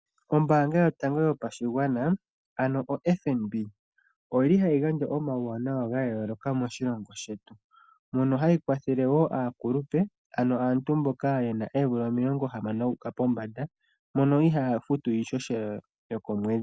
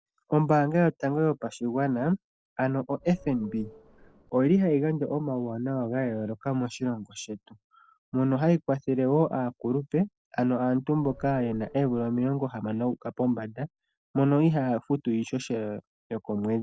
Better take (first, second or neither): first